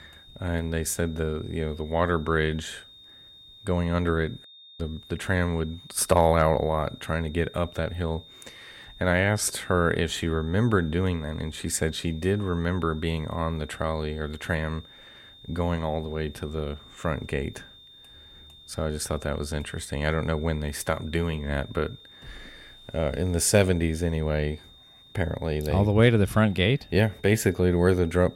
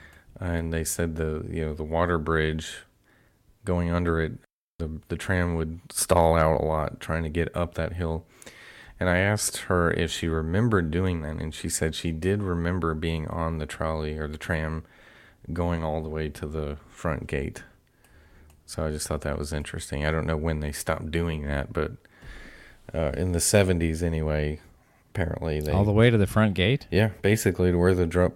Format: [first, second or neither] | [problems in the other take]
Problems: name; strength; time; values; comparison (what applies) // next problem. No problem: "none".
second | high-pitched whine; faint; throughout; 3.5 kHz, 20 dB below the speech